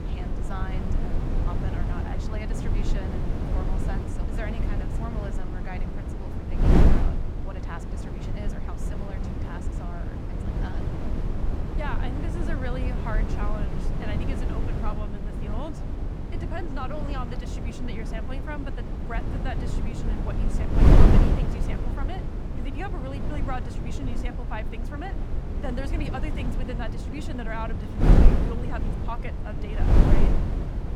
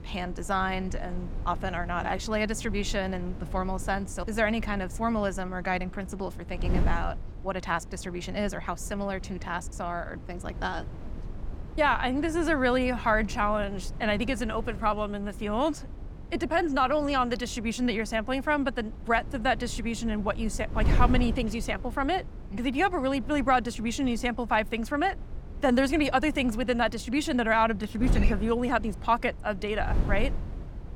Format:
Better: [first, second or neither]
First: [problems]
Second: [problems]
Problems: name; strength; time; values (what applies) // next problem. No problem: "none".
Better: second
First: wind noise on the microphone; heavy; 2 dB above the speech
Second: wind noise on the microphone; occasional gusts; 20 dB below the speech